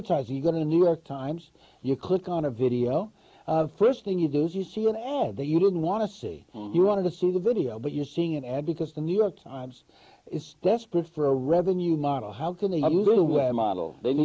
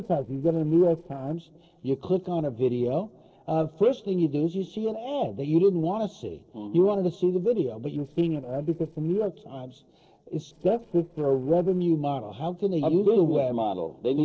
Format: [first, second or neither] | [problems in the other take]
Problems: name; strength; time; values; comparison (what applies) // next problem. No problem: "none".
first | noise reduction (neural separator model SepFormer DNS4)